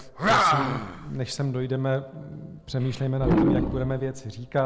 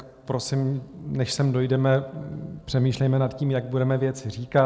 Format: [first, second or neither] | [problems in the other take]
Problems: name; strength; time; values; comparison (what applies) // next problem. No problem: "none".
second | background sound (Animal); 1 dB above the speech